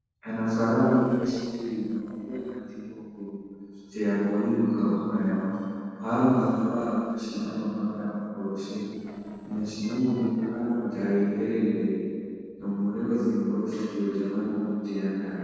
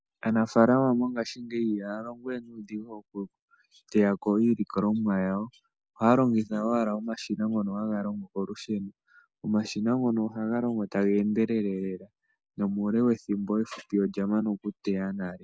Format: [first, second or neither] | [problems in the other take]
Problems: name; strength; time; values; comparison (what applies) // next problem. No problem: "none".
second | noise reduction (neural separator model SepFormer DNS4)